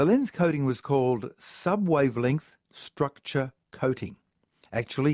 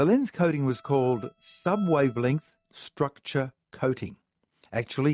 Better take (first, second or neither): first